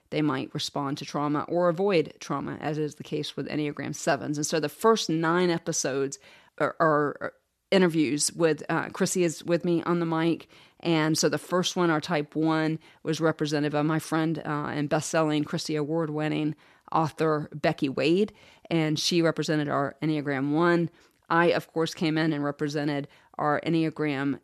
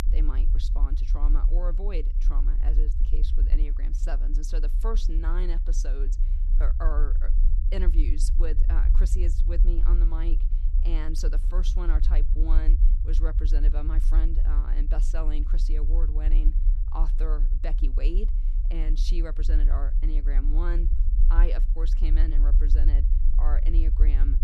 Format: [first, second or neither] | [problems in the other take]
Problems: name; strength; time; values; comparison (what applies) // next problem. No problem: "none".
first | low rumble; loud; throughout; 8 dB below the speech